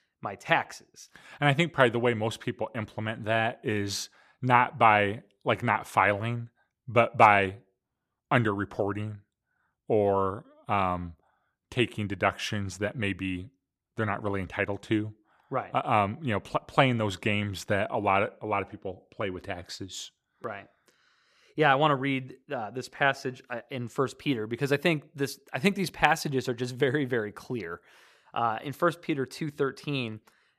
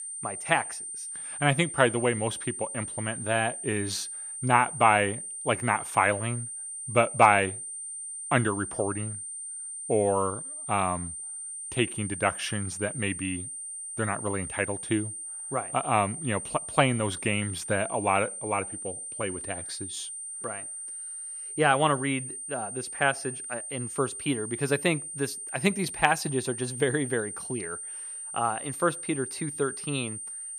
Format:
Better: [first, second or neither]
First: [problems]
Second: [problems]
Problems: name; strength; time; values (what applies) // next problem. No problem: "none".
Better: first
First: none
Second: high-pitched whine; loud; throughout; 9 kHz, 7 dB below the speech